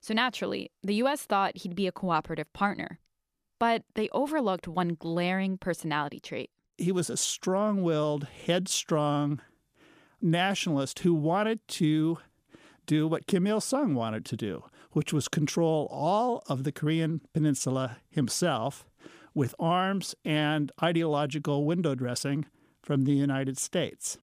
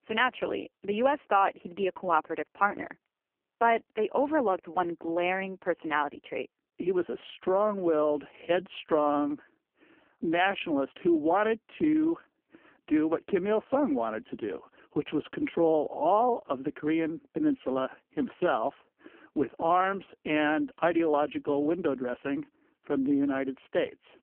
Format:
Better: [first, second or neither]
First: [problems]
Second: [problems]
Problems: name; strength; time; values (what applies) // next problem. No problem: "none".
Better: first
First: none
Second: phone-call audio; poor line; nothing above 3 kHz